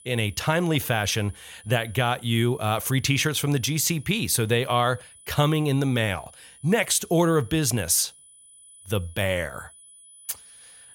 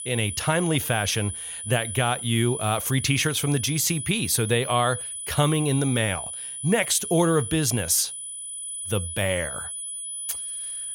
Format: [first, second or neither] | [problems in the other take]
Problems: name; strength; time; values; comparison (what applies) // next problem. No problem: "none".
first | high-pitched whine; loud; throughout; 10 kHz, 7 dB below the speech; faint in the first